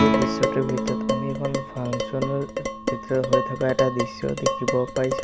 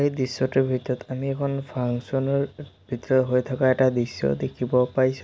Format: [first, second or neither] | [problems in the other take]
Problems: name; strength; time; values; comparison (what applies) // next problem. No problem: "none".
second | background sound (Dishes, pots, and pans + Guitar); 1 dB above the speech